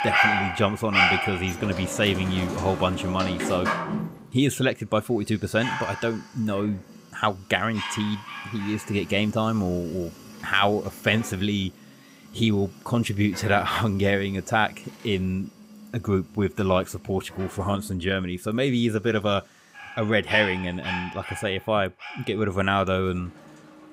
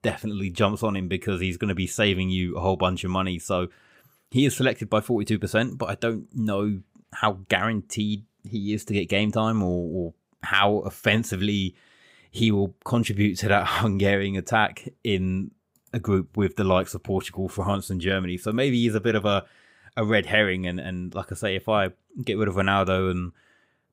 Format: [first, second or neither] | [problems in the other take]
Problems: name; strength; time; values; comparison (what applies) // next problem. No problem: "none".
second | animal sounds; loud; throughout; 3 dB below the speech